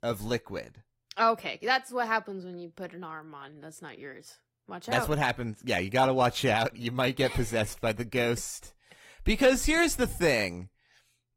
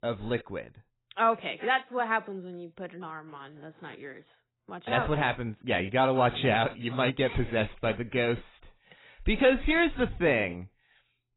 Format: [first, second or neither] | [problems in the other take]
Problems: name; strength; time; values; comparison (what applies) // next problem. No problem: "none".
first | garbled, watery; badly; nothing above 4 kHz; slightly in the first